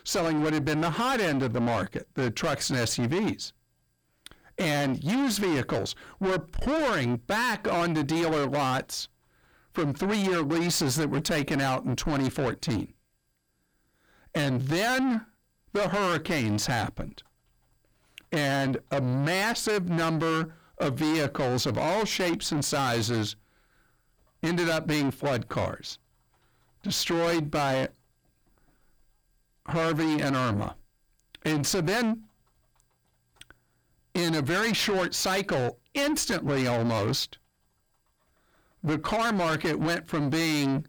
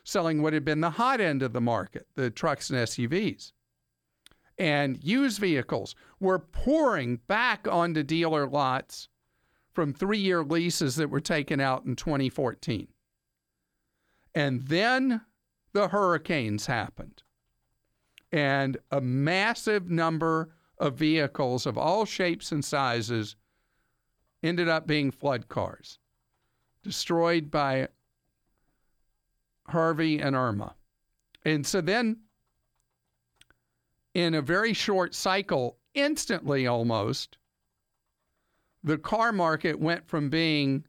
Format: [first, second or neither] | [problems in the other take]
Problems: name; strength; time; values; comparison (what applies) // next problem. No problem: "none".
second | distortion; heavy; 6 dB below the speech